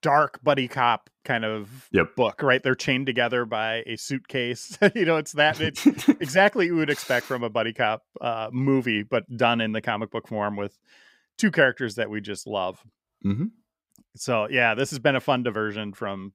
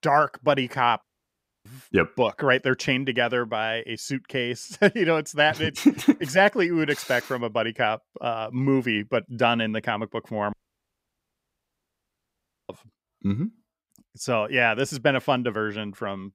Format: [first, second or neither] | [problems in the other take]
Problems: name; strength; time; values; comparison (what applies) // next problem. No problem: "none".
first | audio cutting out; at 1 s for 0.5 s and at 11 s for 2 s